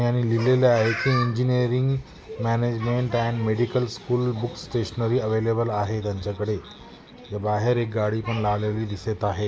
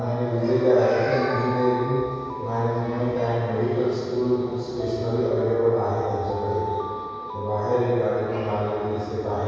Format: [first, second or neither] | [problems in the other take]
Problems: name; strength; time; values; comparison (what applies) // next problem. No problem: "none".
first | background sound (Alarm); 12 dB below the speech // room echo; dies away in 2.2 s